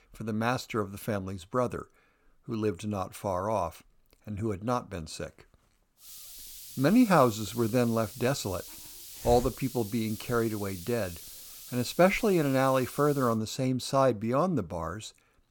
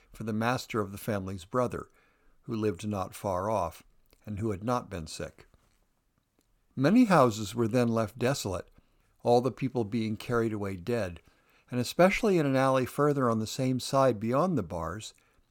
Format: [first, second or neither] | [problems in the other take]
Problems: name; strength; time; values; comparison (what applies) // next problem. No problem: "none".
second | hiss; noticeable; from 6 to 13 s; 15 dB below the speech